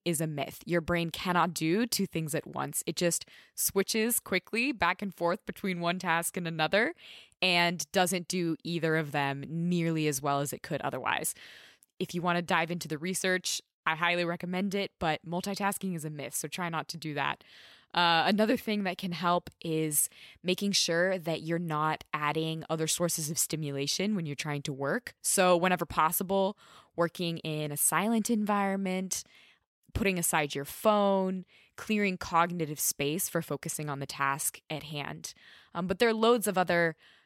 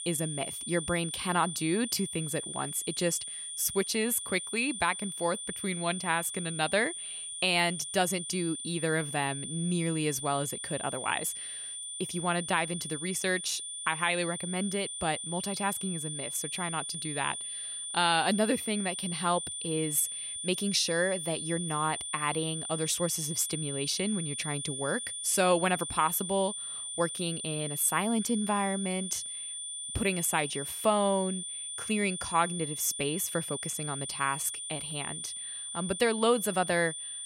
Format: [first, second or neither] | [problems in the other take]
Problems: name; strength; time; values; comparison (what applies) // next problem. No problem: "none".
first | high-pitched whine; loud; throughout; 9 kHz, 5 dB below the speech